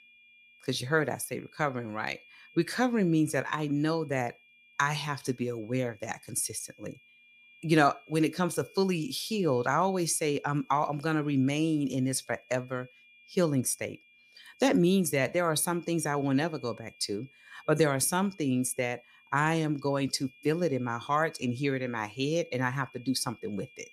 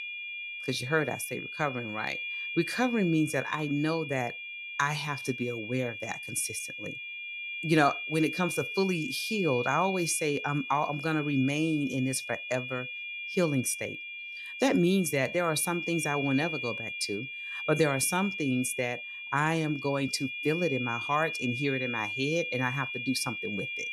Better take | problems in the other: first | high-pitched whine; loud; throughout; 2.5 kHz, 5 dB below the speech; faint in the first

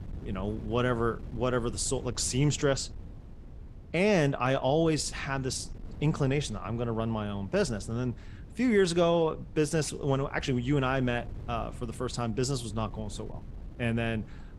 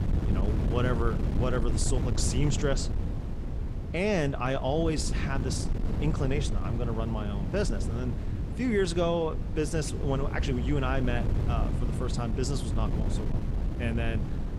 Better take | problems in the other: first | wind noise on the microphone; heavy; 8 dB below the speech; occasional gusts in the first

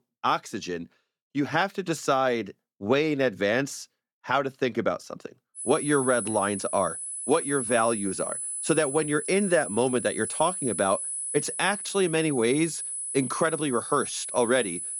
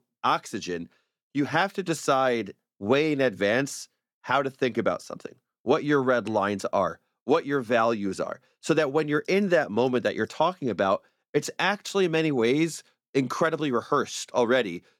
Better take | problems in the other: second | high-pitched whine; loud; from 5.5 s on; 10 kHz, 5 dB below the speech

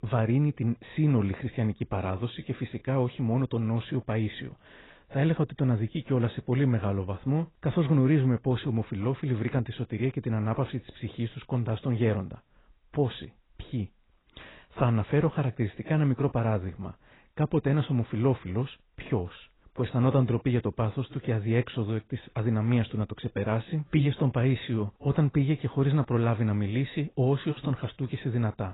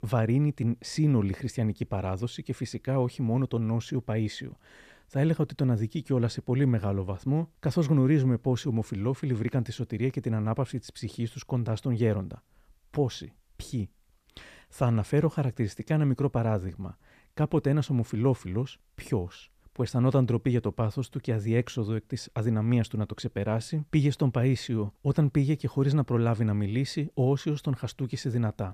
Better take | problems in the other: second | garbled, watery; badly; nothing above 4 kHz

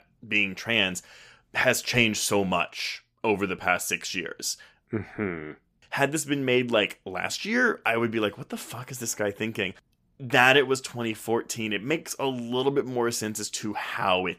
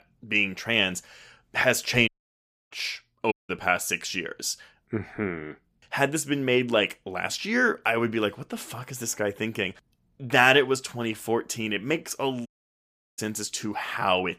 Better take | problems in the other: first | audio cutting out; at 2 s for 0.5 s, at 3.5 s and at 12 s for 0.5 s

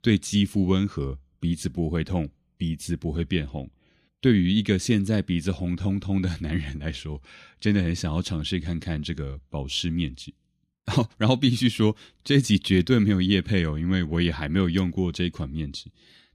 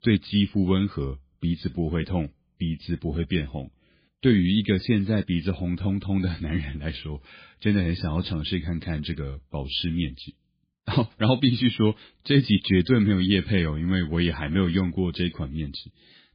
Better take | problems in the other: first | garbled, watery; badly; nothing above 4.5 kHz

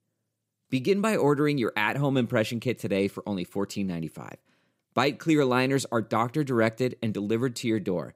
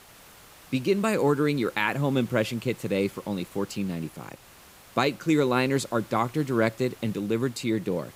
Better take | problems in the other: first | hiss; faint; throughout; 20 dB below the speech

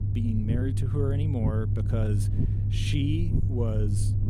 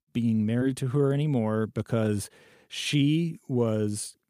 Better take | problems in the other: second | low rumble; loud; throughout; 4 dB below the speech

